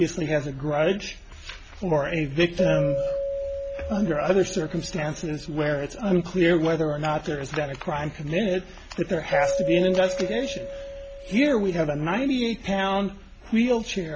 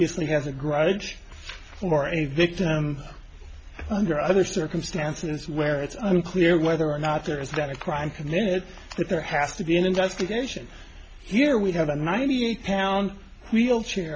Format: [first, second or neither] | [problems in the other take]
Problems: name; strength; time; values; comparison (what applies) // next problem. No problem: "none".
second | background sound (Keyboard (musical)); 8 dB below the speech